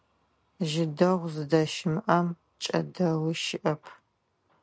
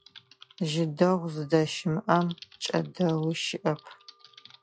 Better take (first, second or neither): first